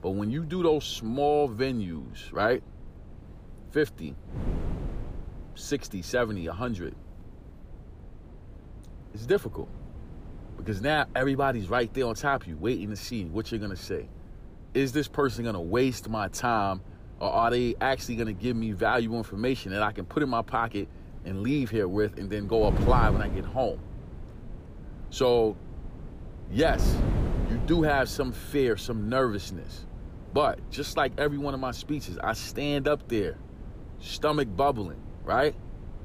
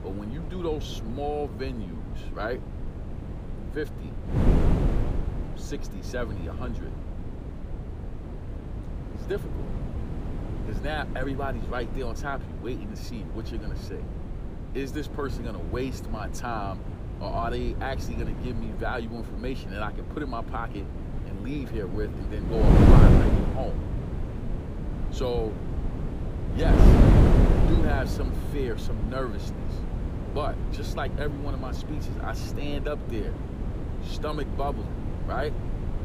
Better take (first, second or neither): first